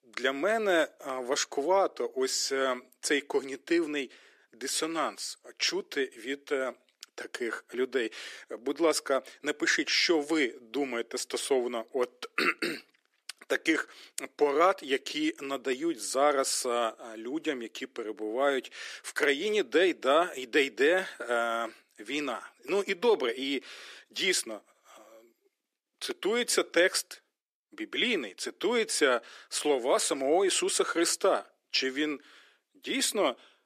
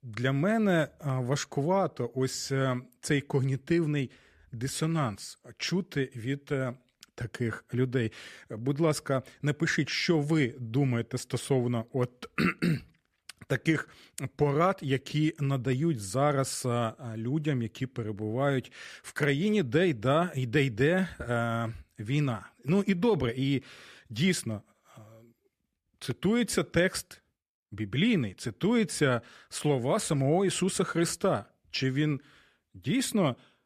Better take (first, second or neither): second